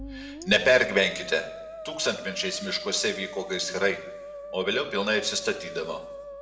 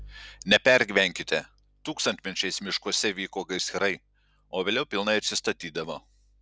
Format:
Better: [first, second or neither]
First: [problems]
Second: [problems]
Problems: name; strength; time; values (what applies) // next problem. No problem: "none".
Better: second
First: background sound (Musical instrument); 12 dB below the speech // room echo; dies away in 0.8 s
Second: none